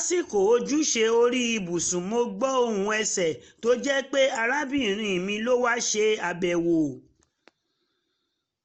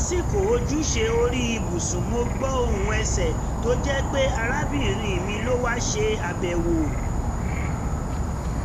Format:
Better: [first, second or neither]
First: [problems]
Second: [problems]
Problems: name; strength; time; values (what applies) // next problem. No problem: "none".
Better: first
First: none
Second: background sound (Insect / Frog); 2 dB above the speech